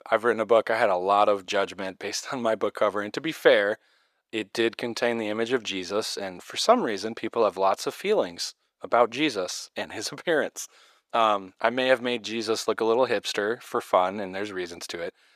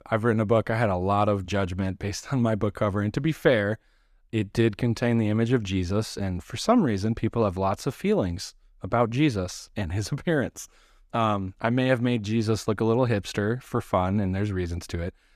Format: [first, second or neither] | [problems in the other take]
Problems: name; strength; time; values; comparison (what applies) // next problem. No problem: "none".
second | thin; somewhat; fading below 500 Hz